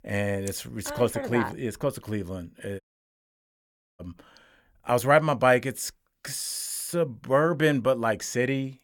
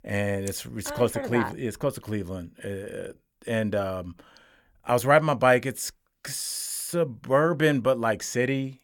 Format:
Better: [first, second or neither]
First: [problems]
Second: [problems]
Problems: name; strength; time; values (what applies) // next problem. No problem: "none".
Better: second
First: audio cutting out; at 3 s for 1 s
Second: none